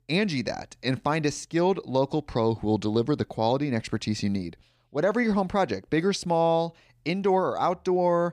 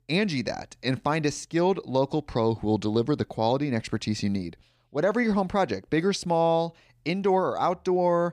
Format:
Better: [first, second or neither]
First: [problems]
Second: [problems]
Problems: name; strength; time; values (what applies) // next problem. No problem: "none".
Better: neither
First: none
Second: none